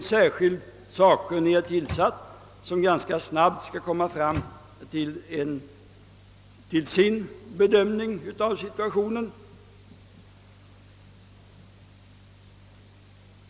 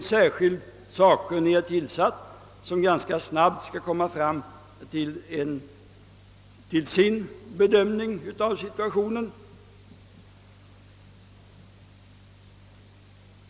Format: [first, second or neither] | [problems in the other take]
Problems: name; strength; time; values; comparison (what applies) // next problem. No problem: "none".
second | background sound (Microwave oven); 12 dB below the speech